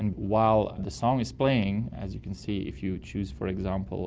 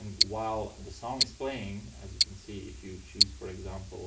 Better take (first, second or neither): first